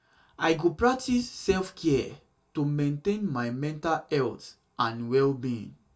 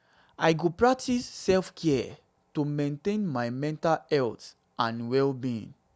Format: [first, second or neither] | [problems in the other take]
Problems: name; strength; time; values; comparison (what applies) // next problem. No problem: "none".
second | room echo; dies away in 0.2 s